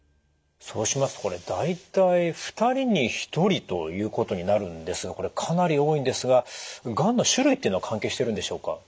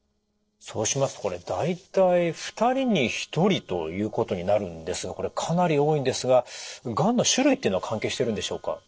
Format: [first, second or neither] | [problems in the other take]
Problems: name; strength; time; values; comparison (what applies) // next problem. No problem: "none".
first | noise reduction (neural separator model SepFormer DNS4)